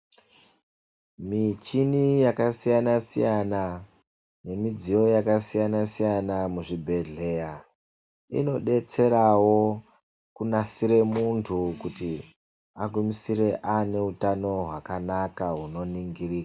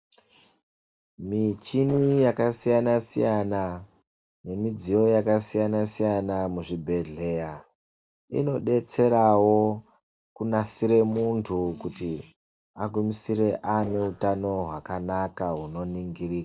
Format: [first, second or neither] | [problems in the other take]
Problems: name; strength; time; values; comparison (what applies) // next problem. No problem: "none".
first | noise reduction (neural separator model SepFormer DNS4)